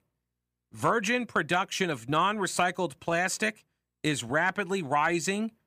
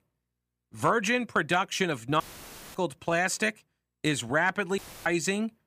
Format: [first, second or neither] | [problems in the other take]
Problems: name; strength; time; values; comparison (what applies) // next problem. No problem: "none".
first | audio cutting out; filled with static; at 2 s for 0.5 s and at 5 s